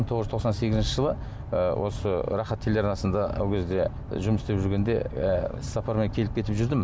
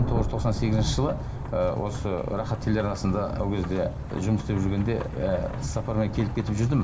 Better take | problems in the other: first | background sound (Rain / Thunderstorm); 9 dB below the speech // room echo; dies away in 0.4 s

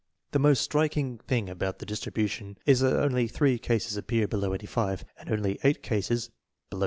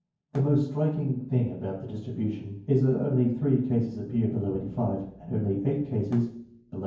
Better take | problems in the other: first | background sound (Thump, thud); 19 dB below the speech // room echo; dies away in 0.9 s

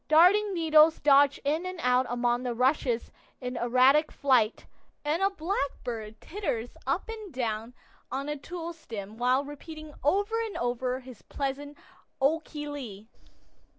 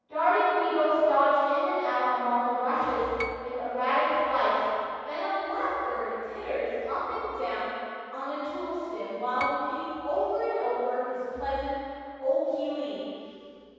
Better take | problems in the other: first | background sound (Piano); 15 dB below the speech // room echo; dies away in 2.2 s

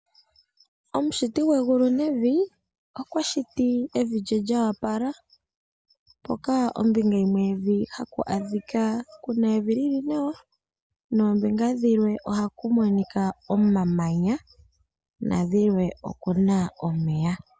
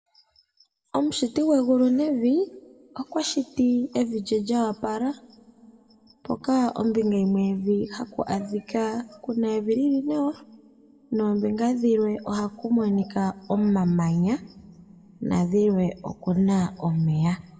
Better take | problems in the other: first | room echo; dies away in 1.3 s

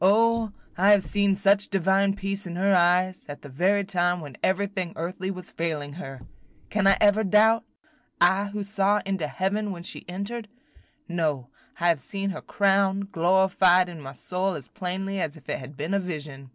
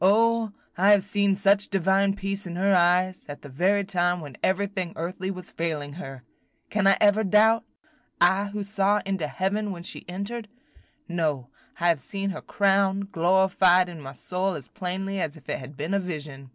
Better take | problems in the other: second | background sound (Car); 17 dB below the speech

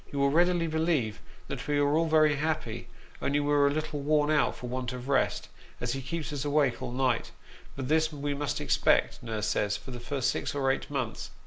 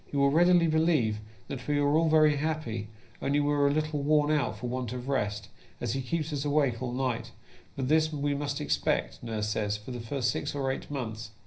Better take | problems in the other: first | room echo; dies away in 0.5 s

